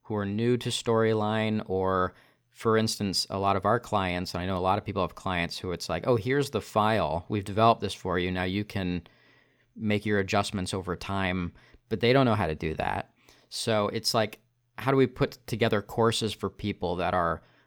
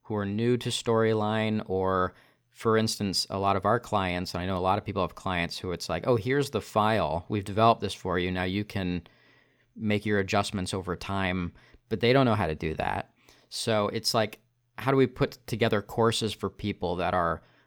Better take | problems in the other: neither | none

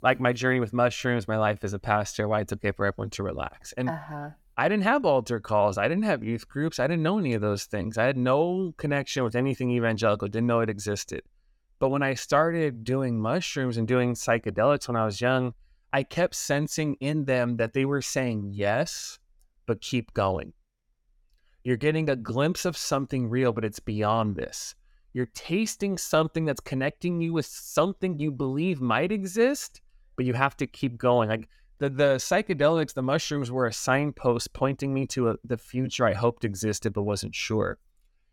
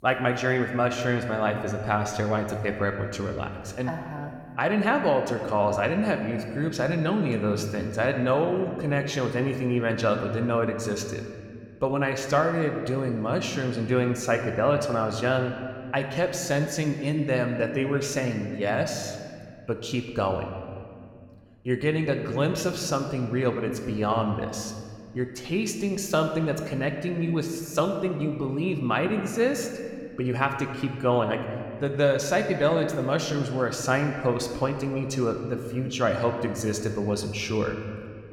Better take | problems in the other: first | room echo; slight; dies away in 1.7 s

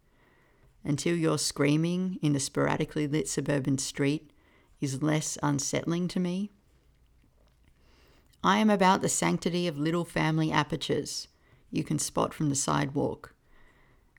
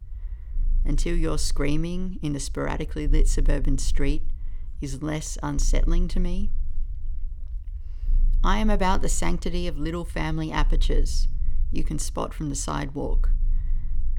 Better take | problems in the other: first | low rumble; faint; throughout; 25 dB below the speech

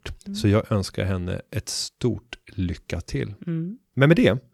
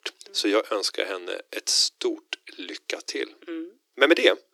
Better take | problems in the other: first | thin; very; fading below 300 Hz

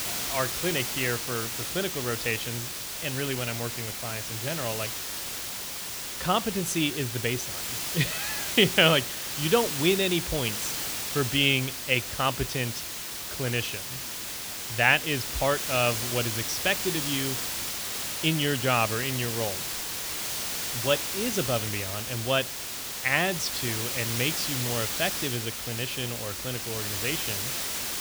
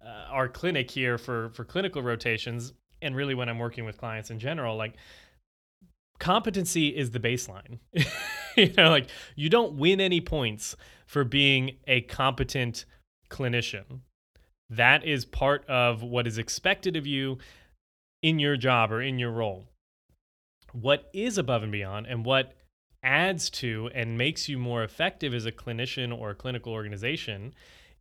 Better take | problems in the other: second | hiss; loud; throughout; 2 dB below the speech

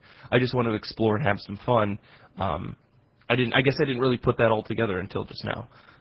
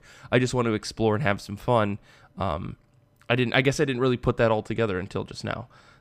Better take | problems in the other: second | garbled, watery; badly; nothing above 5.5 kHz

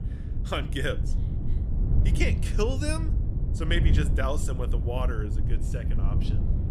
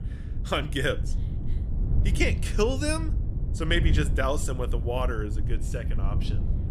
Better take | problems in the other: second | wind noise on the microphone; heavy; 9 dB below the speech; occasional gusts in the second

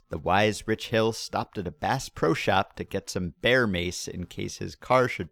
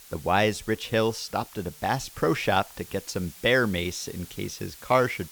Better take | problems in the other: first | hiss; noticeable; throughout; 20 dB below the speech

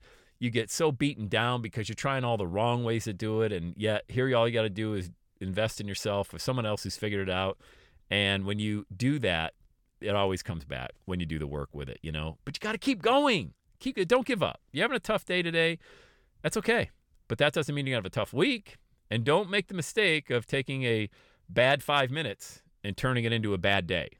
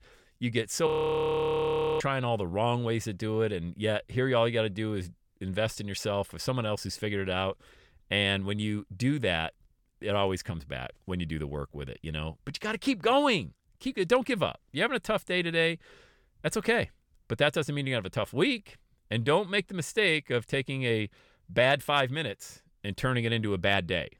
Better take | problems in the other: first | audio freezing; at 1 s for 1 s

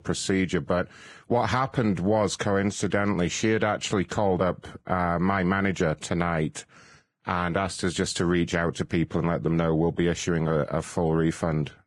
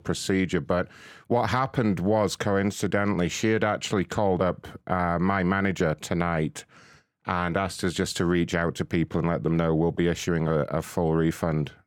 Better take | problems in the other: second | garbled, watery; badly

